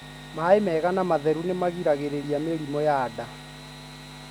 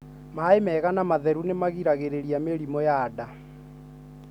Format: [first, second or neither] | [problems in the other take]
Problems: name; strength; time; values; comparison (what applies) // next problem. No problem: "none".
second | background sound (Sawing / Engine); 19 dB below the speech